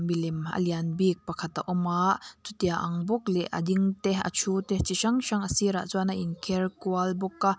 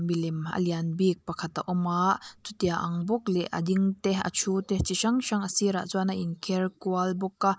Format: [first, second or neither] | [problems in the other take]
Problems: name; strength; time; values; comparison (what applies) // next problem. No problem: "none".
first | noise reduction (neural mask model Resemble Enhance denoiser)